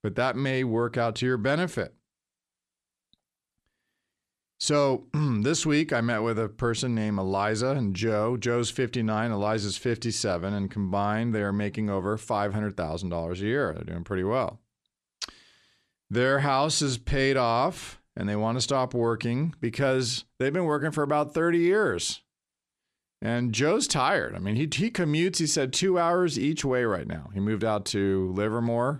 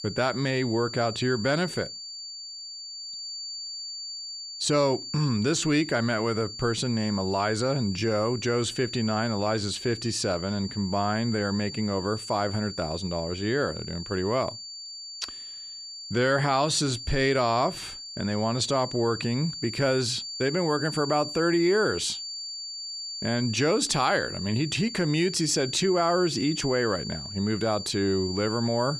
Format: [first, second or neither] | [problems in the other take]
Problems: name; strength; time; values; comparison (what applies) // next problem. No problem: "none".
first | high-pitched whine; loud; throughout; 4.5 kHz, 9 dB below the speech